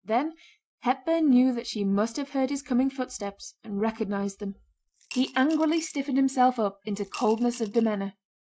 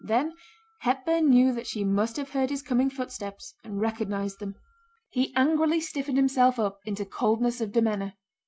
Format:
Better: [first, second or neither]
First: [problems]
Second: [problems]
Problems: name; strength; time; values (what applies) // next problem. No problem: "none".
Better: second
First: noise reduction (neural mask model DeepFilterNet 3)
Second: none